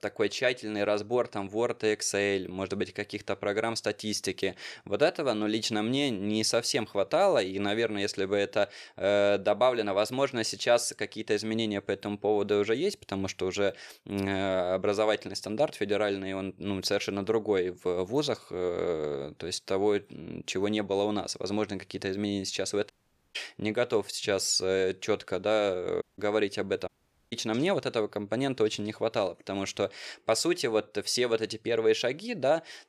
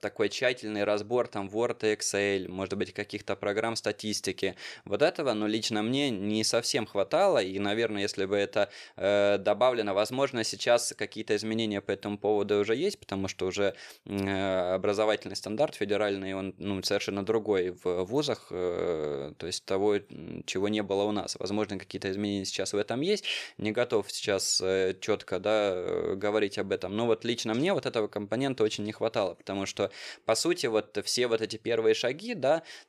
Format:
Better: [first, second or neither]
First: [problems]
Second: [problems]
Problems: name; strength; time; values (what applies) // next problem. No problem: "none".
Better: second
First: audio cutting out; at 23 s, at 26 s and at 27 s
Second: none